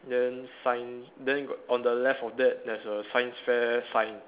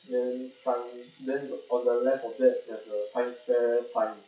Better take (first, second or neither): first